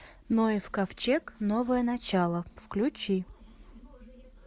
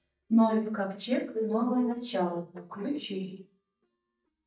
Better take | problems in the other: first | noise reduction (neural mask model DeepFilterNet 3)

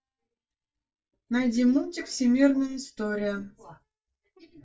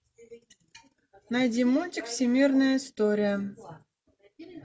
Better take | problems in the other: second | noise reduction (neural mask model DeepFilterNet 3)

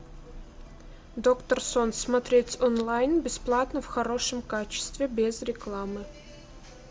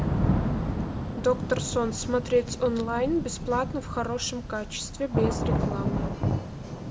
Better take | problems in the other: first | background sound (Thunder / Rain); as loud as the speech

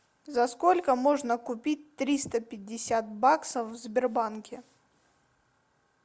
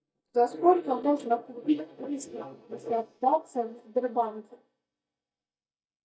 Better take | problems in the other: first | noise reduction (neural mask model DeepFilterNet 3)

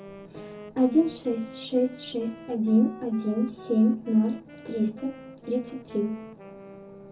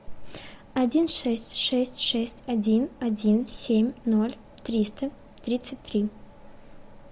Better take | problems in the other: second | background sound (Wind instrument, woodwind instrument); 17 dB below the speech // room echo; dies away in 0.3 s

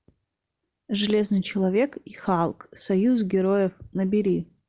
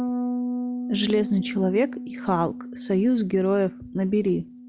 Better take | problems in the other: first | background sound (Bass guitar); 7 dB below the speech

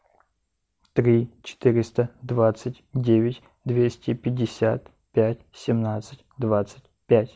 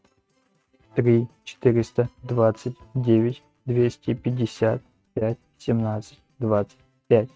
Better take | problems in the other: first | noise reduction (neural mask model RNNoise)

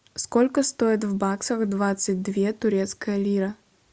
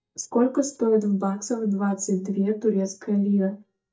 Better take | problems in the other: first | noise reduction (neural mask model DeepFilterNet 3)

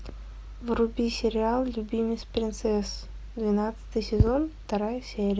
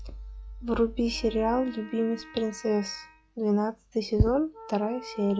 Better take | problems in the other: first | noise reduction (classical method log-MMSE)

